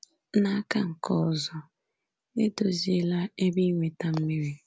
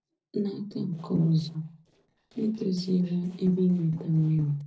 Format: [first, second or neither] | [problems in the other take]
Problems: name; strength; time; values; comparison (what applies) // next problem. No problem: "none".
first | noise reduction (neural separator model SepFormer DNS4)